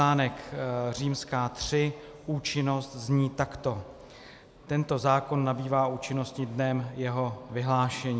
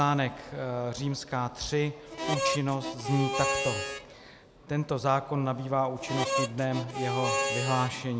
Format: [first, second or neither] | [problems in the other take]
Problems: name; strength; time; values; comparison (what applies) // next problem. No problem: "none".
first | background sound (Harmonica); 1 dB below the speech